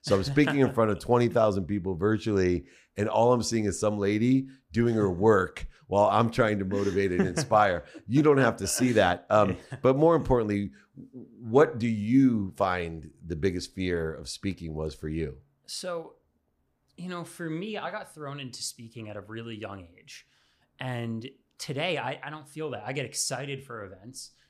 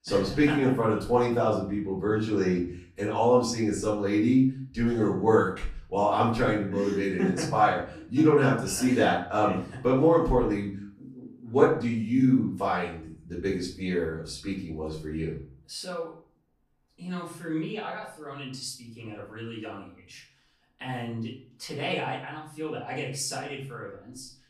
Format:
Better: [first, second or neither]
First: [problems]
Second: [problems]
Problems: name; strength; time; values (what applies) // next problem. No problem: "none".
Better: first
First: none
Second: off-mic speech; far // room echo; slight; dies away in 0.4 s